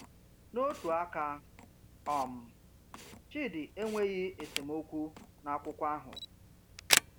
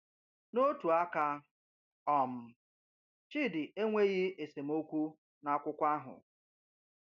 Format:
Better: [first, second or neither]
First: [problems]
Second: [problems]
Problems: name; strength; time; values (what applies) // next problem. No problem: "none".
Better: second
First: background sound (Camera); 2 dB below the speech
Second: none